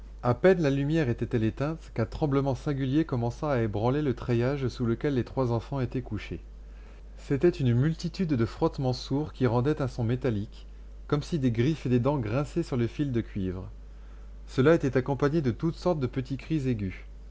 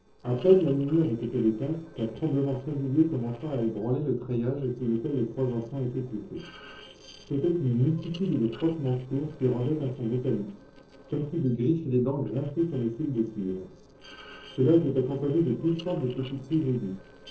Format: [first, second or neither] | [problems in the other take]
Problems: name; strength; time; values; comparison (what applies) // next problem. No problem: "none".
first | noise reduction (neural separator model SepFormer DNS4)